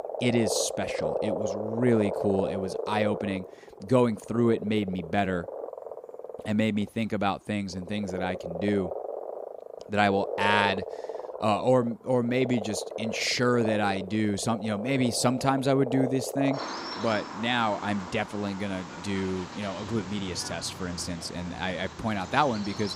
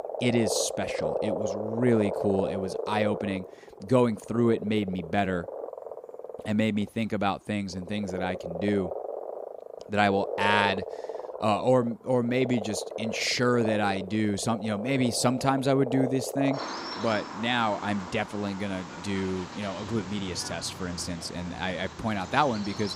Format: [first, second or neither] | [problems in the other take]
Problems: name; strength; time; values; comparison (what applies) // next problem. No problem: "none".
neither | animal sounds; loud; throughout; 8 dB below the speech; the same in both